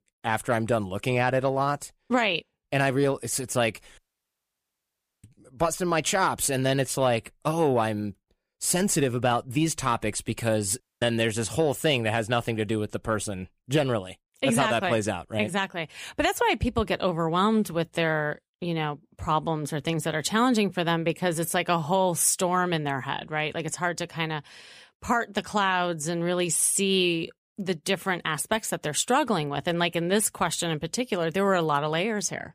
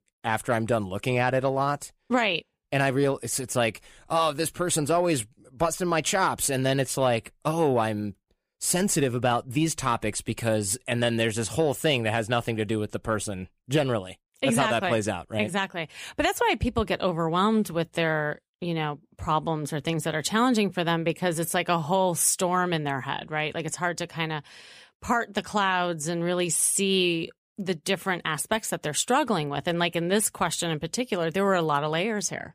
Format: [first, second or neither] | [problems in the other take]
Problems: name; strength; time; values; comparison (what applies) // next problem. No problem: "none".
second | audio cutting out; at 4 s for 1.5 s and at 11 s